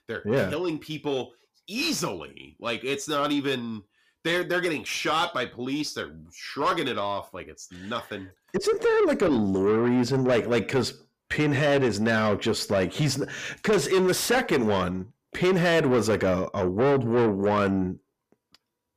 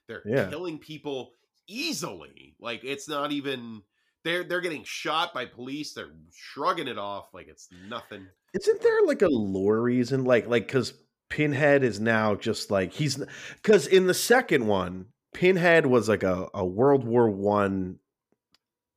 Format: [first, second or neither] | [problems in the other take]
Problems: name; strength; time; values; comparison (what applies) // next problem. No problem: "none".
second | distortion; heavy; 7 dB below the speech